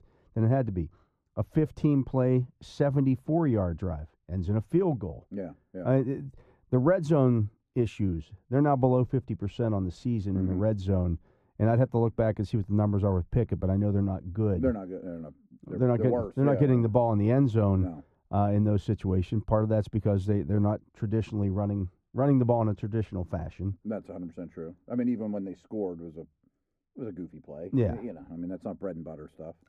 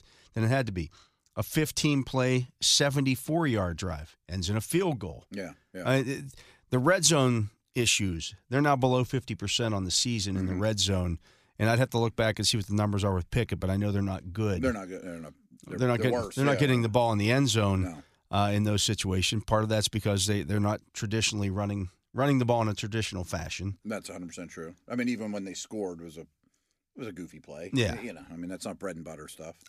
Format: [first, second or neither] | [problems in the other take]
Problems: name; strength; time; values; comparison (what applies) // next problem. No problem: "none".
second | muffled; very; fading above 2 kHz